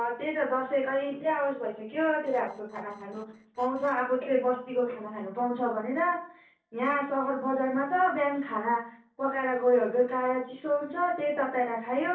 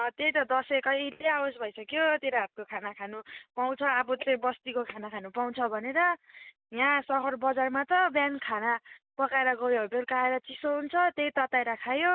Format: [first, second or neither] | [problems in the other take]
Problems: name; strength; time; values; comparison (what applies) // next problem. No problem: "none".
second | noise reduction (neural separator model SepFormer DNS4)